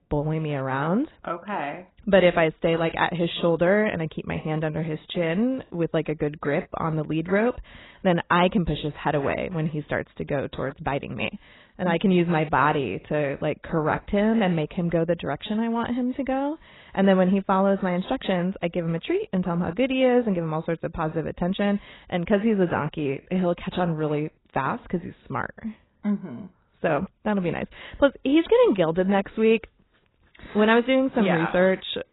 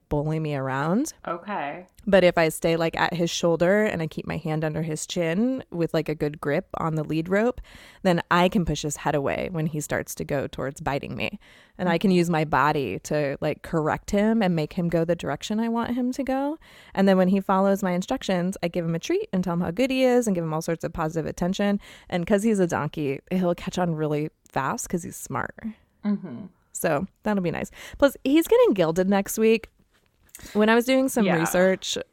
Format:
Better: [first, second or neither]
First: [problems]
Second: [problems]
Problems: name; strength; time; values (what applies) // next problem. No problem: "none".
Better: second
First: garbled, watery; badly; nothing above 4 kHz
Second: none